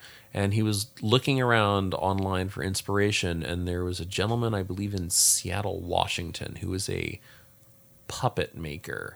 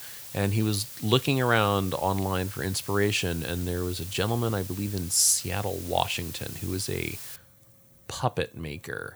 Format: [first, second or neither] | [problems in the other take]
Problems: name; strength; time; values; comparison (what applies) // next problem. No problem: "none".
first | hiss; noticeable; until 7.5 s; 10 dB below the speech